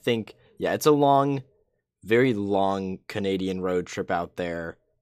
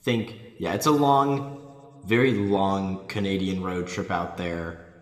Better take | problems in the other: first | room echo; slight; dies away in 1.7 s

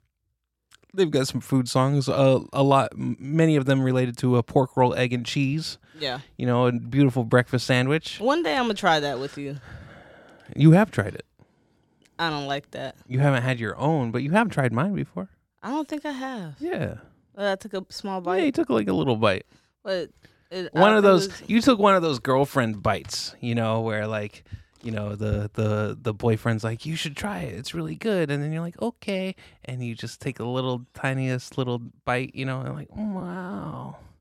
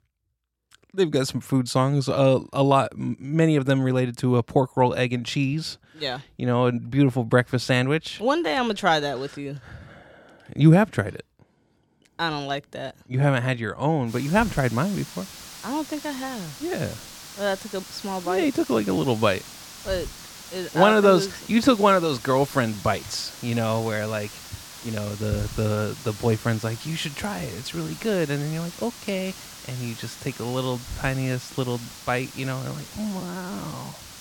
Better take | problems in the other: first | hiss; noticeable; from 14 s on; 15 dB below the speech

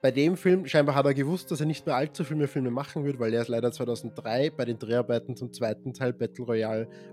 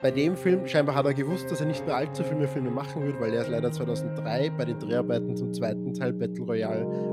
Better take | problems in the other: first | background music; loud; throughout; 5 dB below the speech; faint in the first

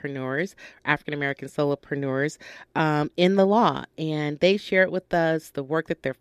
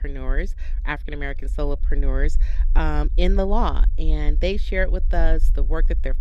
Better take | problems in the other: first | low rumble; faint; throughout; 20 dB below the speech

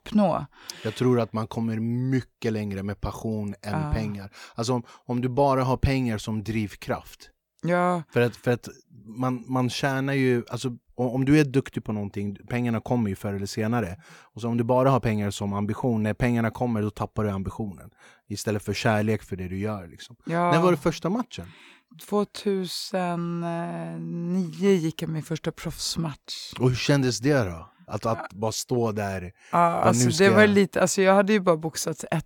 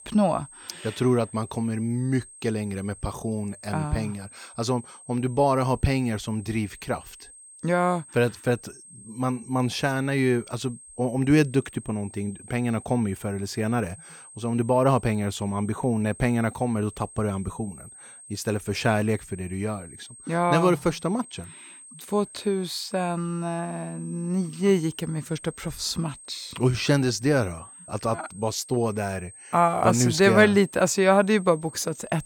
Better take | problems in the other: first | high-pitched whine; noticeable; throughout; 8.5 kHz, 20 dB below the speech

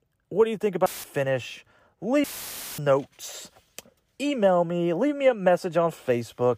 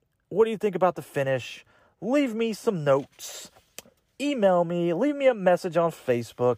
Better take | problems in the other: second | audio cutting out; filled with static; at 1 s and at 2 s for 0.5 s

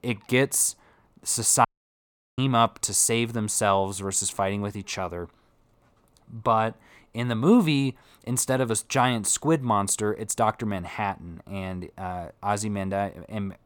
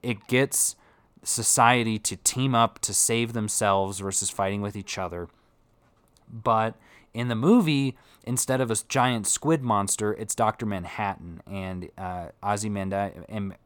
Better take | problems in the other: second | audio cutting out; at 1.5 s for 0.5 s

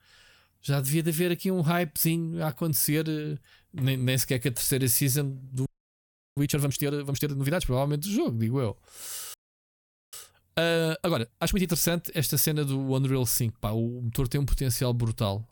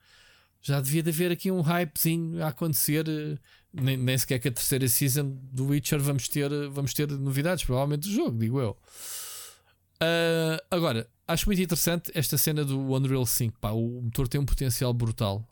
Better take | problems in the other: second | audio freezing; at 5.5 s for 0.5 s and at 9.5 s for 1 s

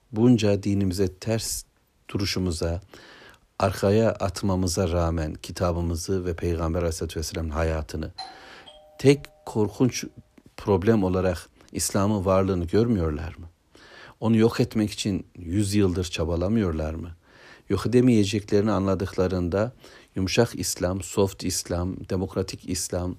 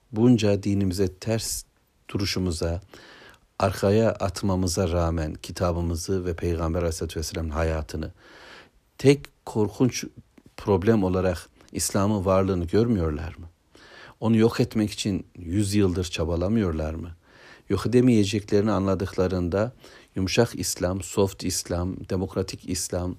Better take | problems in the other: second | doorbell; faint; at 8 s; peak 15 dB below the speech

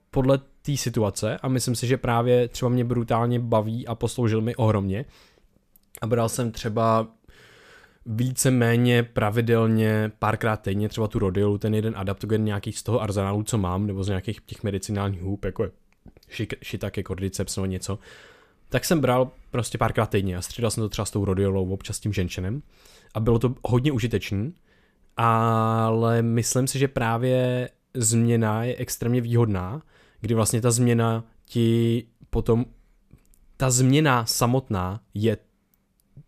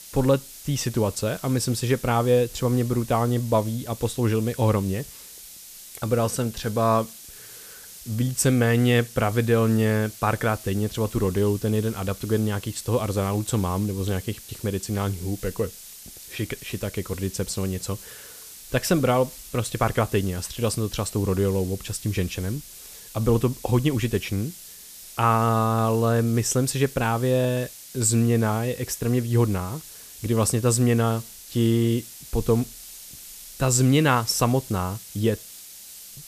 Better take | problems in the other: first | hiss; noticeable; throughout; 15 dB below the speech

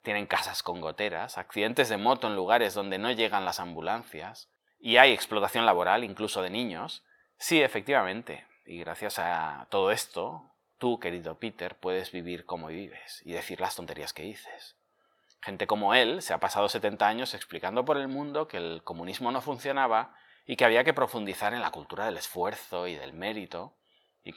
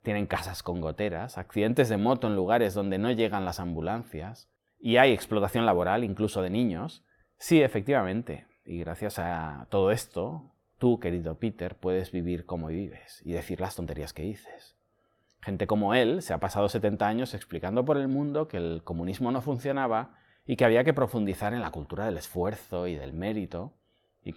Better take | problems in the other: second | thin; somewhat; fading below 800 Hz

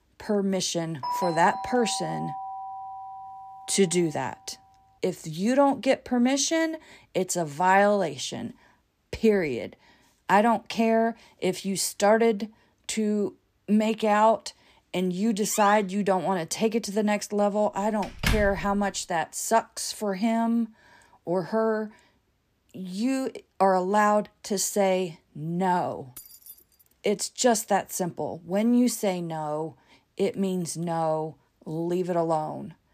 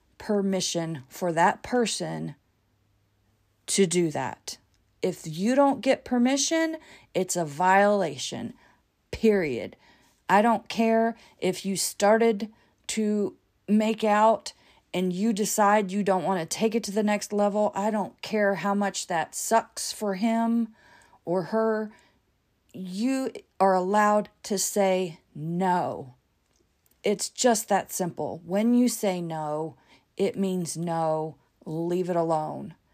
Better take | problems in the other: second | doorbell; noticeable; from 1 to 4 s; peak 4 dB below the speech // door banging; noticeable; from 16 to 19 s; peak 2 dB below the speech // jangling keys; faint; at 26 s; peak 20 dB below the speech

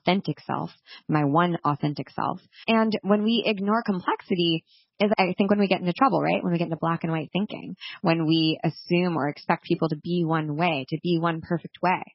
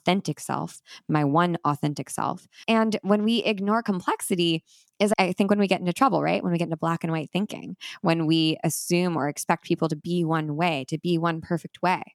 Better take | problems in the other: second | garbled, watery; badly; nothing above 5.5 kHz

